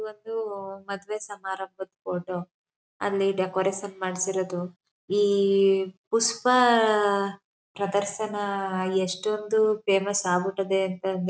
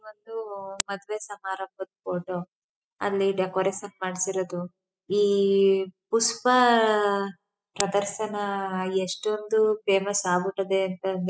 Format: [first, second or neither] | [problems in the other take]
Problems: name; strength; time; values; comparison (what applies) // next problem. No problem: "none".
first | noise reduction (classical method spectral subtraction)